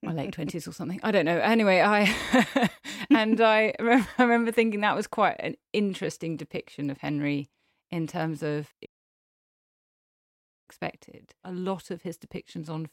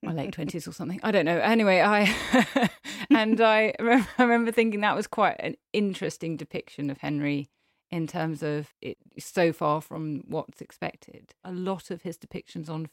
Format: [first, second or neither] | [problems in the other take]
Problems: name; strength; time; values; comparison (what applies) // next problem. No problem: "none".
second | audio cutting out; at 9 s for 2 s